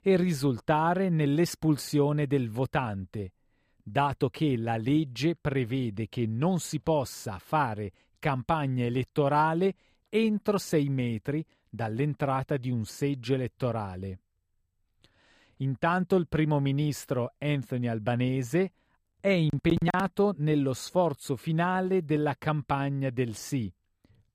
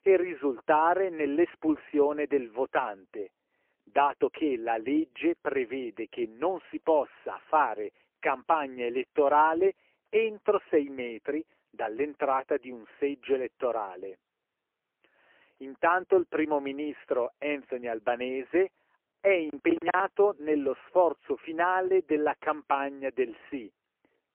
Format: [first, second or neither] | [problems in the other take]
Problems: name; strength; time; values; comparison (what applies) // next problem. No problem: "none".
first | phone-call audio; poor line; nothing above 3 kHz